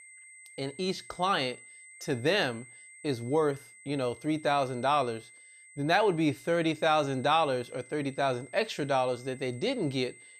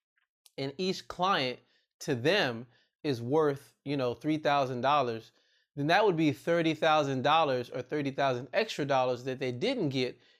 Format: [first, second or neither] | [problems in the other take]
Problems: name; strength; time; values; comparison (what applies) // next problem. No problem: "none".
second | high-pitched whine; faint; throughout; 2 kHz, 20 dB below the speech